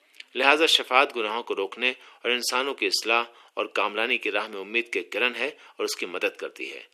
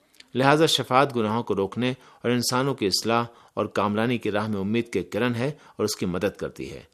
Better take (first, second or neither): second